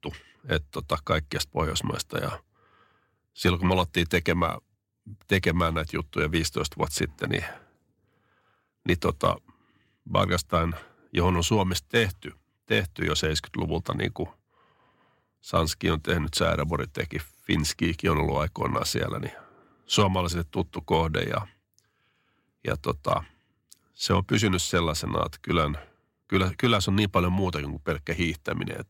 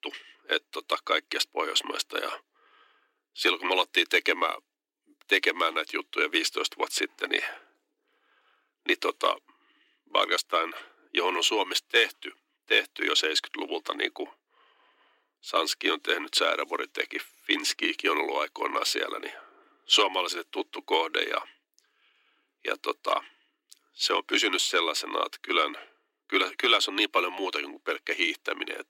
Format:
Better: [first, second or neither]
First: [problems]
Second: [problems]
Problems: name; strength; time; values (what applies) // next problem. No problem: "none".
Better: first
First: none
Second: thin; very; fading below 300 Hz